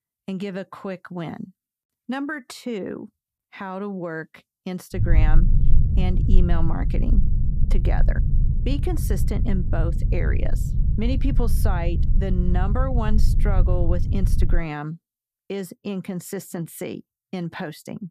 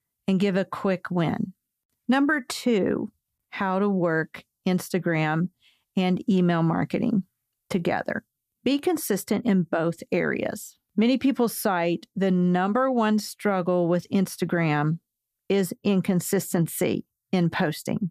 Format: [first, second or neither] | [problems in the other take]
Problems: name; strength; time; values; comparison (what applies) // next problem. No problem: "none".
second | low rumble; loud; from 5 to 15 s; 7 dB below the speech